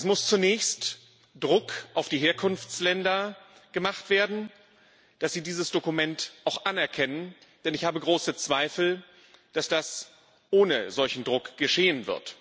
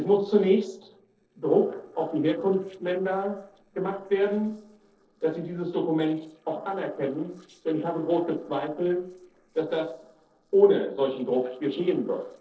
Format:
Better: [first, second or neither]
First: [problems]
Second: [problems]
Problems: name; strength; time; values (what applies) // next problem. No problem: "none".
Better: first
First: none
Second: noise reduction (neural separator model SepFormer DNS4)